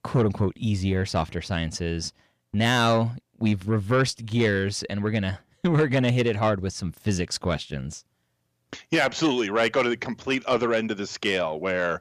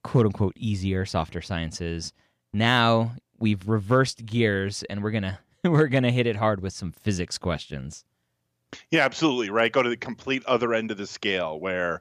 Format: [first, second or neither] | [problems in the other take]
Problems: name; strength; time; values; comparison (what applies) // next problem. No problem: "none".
second | distortion; slight; 10 dB below the speech